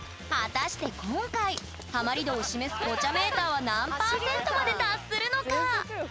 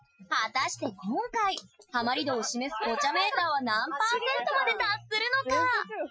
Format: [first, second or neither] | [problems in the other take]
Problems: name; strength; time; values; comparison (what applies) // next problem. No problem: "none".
first | noise reduction (classical method Wiener filter)